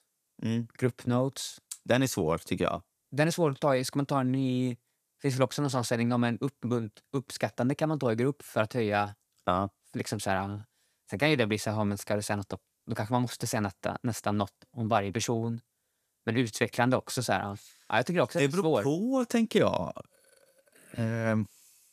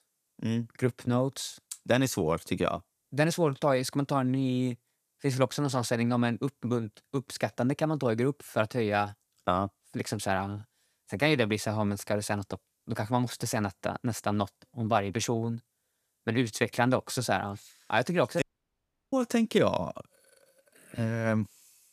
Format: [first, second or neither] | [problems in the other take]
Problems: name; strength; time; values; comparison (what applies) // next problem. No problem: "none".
first | audio cutting out; at 18 s for 0.5 s